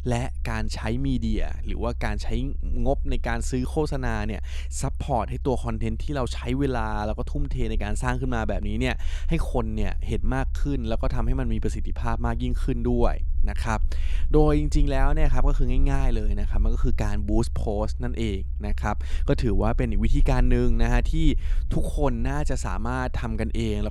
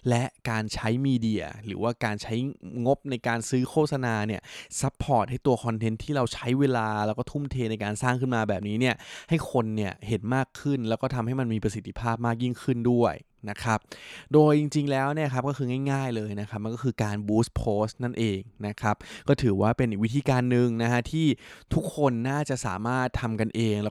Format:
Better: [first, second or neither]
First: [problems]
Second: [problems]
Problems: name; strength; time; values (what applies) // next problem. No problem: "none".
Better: second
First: low rumble; faint; throughout; 20 dB below the speech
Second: none